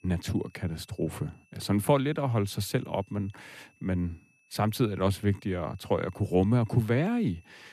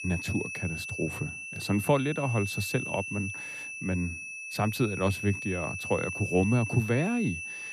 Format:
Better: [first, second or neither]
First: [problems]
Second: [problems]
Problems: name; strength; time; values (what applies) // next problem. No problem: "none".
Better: first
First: high-pitched whine; faint; throughout; 2.5 kHz, 35 dB below the speech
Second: high-pitched whine; loud; throughout; 2.5 kHz, 5 dB below the speech